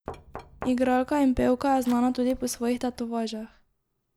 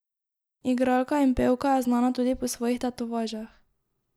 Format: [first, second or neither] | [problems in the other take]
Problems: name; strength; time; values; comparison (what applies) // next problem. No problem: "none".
second | background sound (Knock); 19 dB below the speech